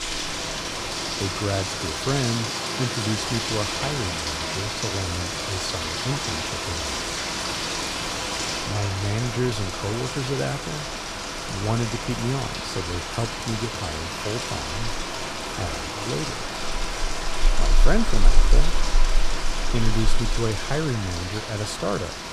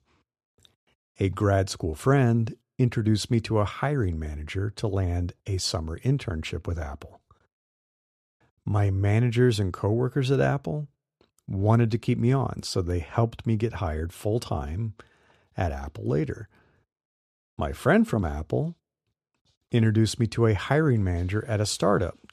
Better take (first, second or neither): second